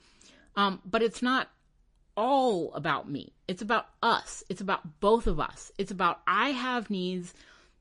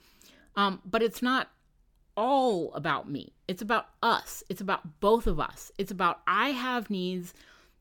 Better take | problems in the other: second | garbled, watery; slightly; nothing above 10.5 kHz

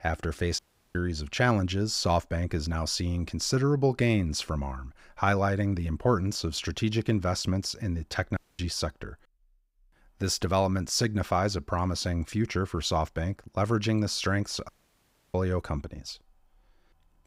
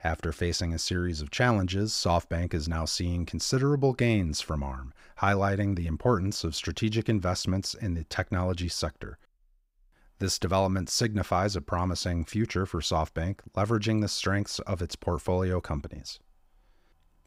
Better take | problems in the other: second | audio cutting out; at 0.5 s, at 8.5 s and at 15 s for 0.5 s

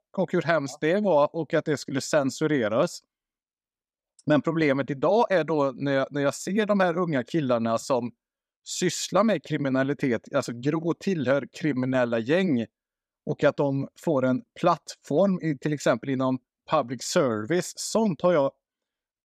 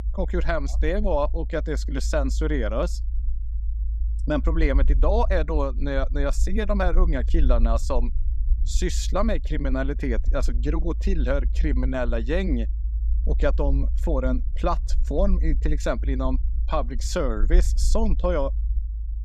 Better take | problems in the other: first | low rumble; faint; throughout; 20 dB below the speech

